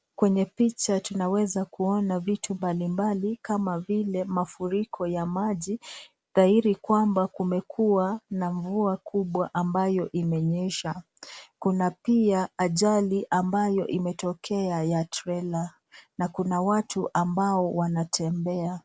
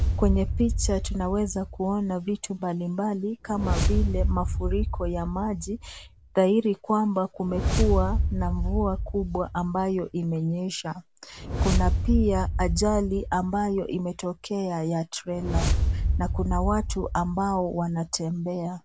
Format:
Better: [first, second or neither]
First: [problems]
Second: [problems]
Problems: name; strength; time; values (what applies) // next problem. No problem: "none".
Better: first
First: none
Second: background sound (Whoosh, swoosh, swish); 1 dB below the speech